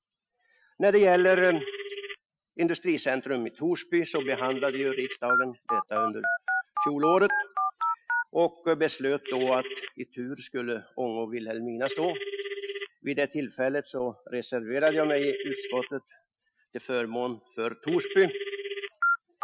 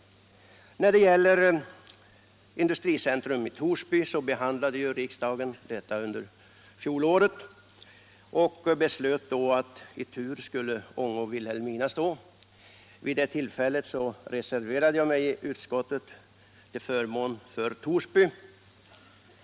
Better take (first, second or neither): second